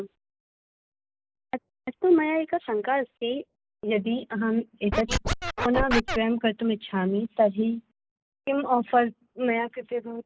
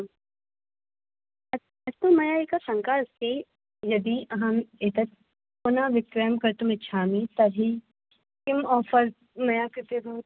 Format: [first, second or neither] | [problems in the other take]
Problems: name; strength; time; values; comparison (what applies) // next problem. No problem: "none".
second | noise reduction (neural mask model Resemble Enhance denoiser)